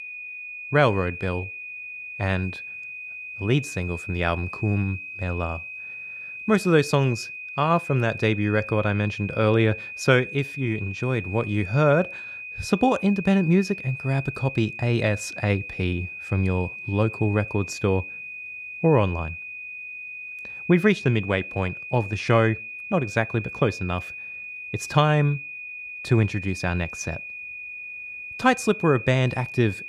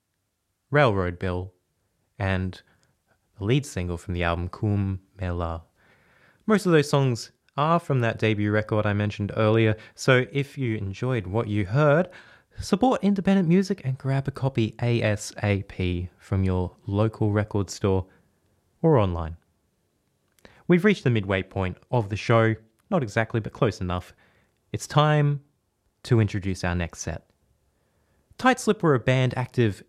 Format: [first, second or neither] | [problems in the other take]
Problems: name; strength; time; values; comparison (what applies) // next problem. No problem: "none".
second | high-pitched whine; noticeable; throughout; 2.5 kHz, 10 dB below the speech